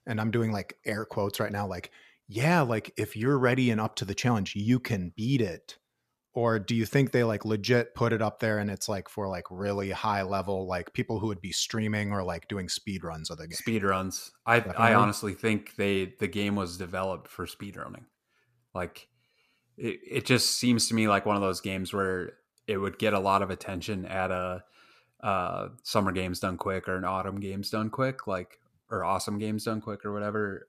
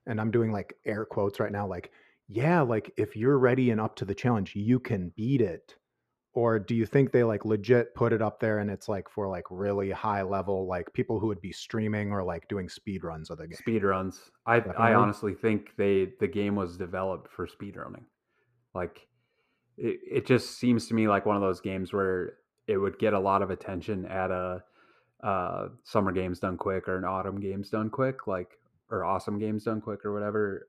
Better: first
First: none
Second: muffled; slightly; fading above 3 kHz

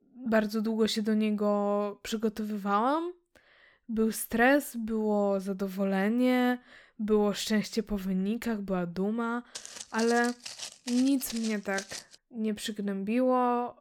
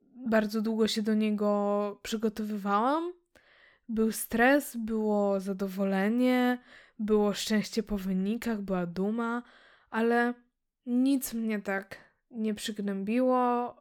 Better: second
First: footsteps; noticeable; from 9.5 to 12 s; peak 10 dB below the speech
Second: none

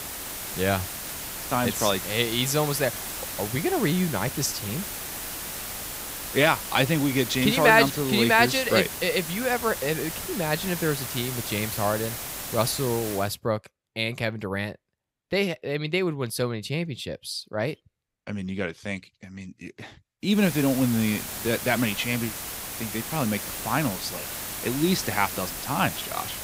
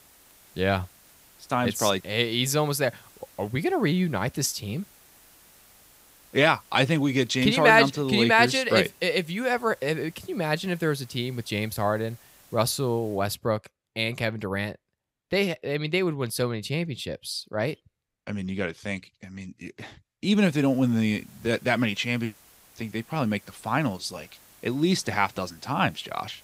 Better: second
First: hiss; loud; until 13 s and from 20 s on; 6 dB below the speech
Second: hiss; faint; until 13 s and from 20 s on; 25 dB below the speech

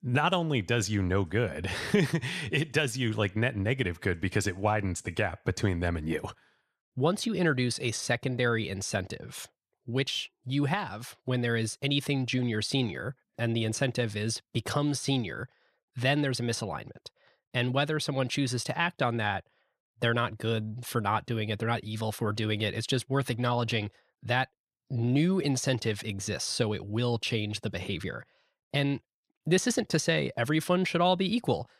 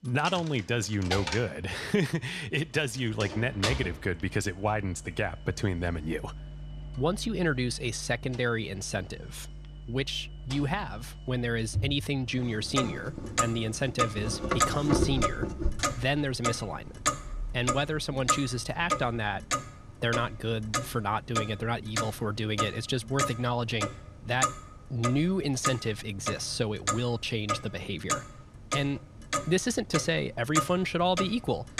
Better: first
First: none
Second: household noises; loud; throughout; 3 dB below the speech

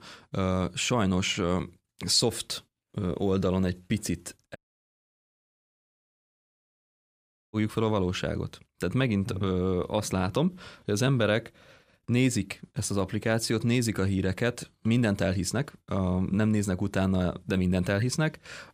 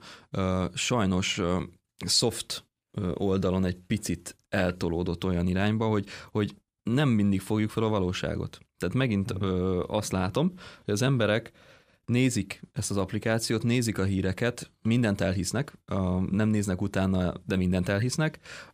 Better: second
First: audio cutting out; at 4.5 s for 3 s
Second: none

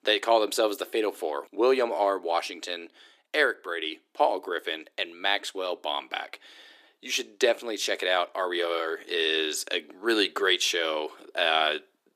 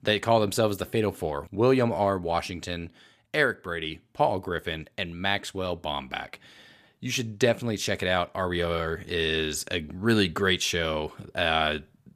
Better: second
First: thin; somewhat; fading below 300 Hz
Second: none

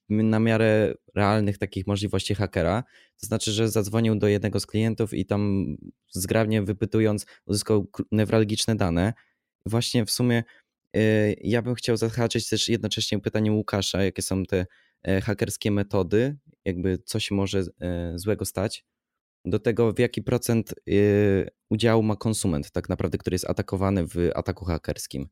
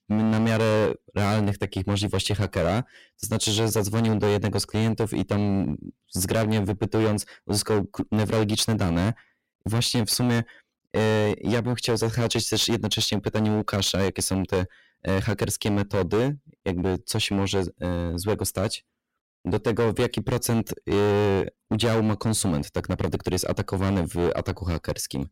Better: first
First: none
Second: distortion; heavy; 13% of the sound clipped

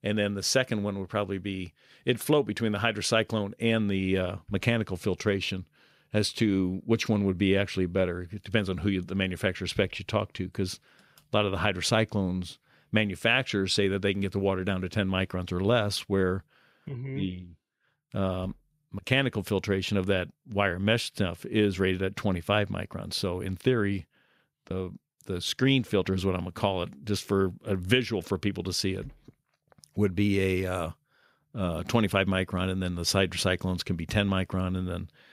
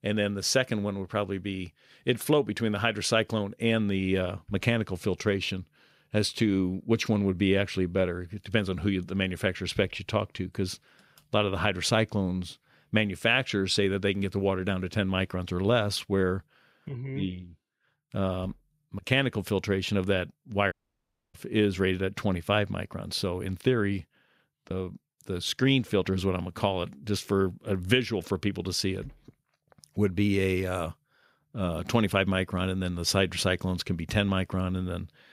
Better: first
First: none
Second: audio cutting out; at 21 s for 0.5 s

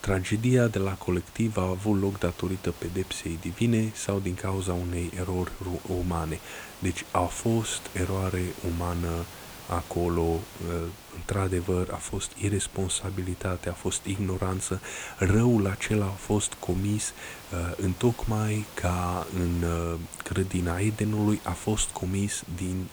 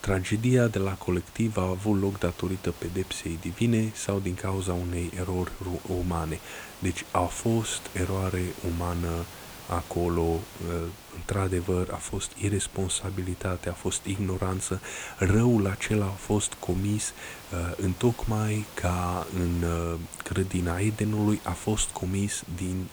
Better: neither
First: hiss; noticeable; throughout; 15 dB below the speech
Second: hiss; noticeable; throughout; 15 dB below the speech

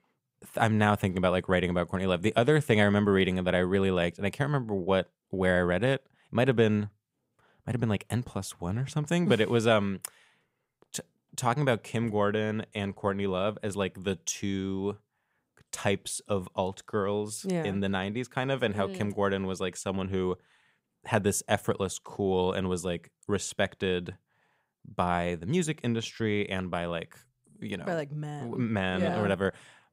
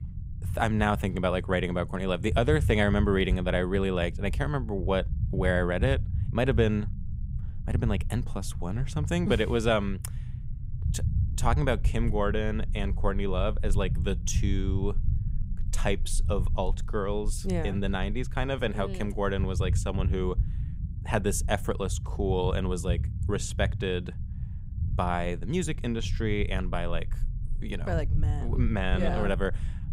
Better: first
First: none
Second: low rumble; noticeable; throughout; 15 dB below the speech

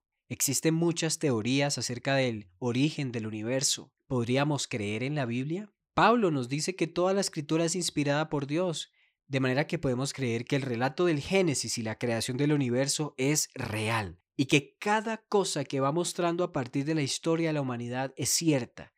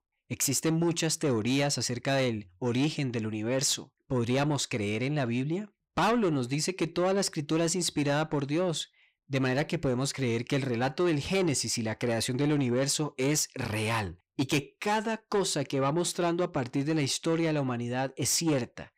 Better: first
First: none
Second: distortion; slight; 10 dB below the speech

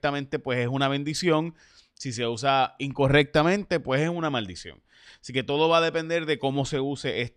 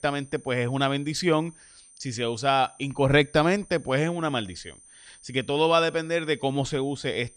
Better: first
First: none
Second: high-pitched whine; faint; throughout; 9 kHz, 25 dB below the speech

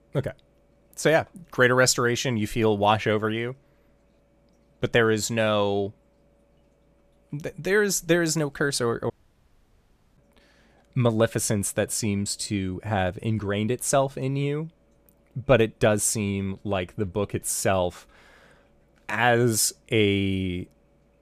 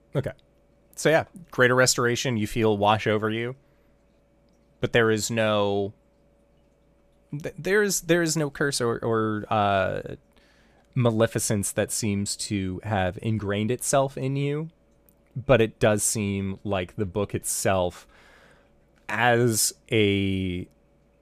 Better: second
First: audio cutting out; at 9 s for 1 s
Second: none

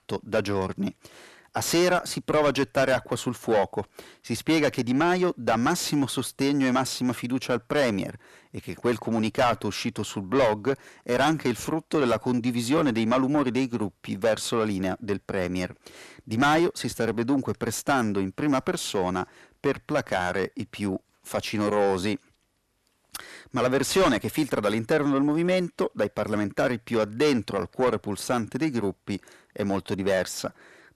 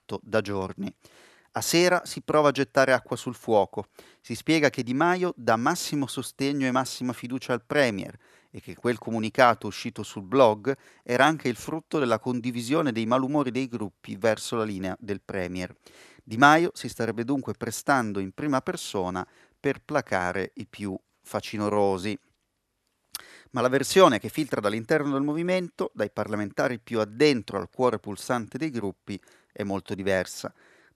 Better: second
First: distortion; heavy; 6 dB below the speech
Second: none

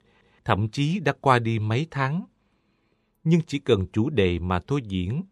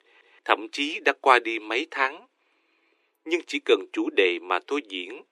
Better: first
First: none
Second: thin; very; fading below 300 Hz

